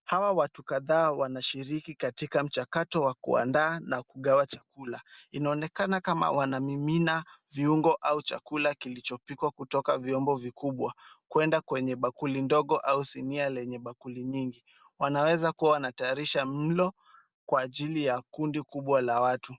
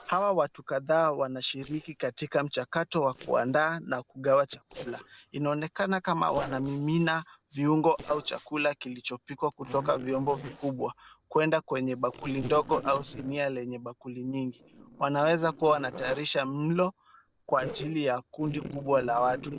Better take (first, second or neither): first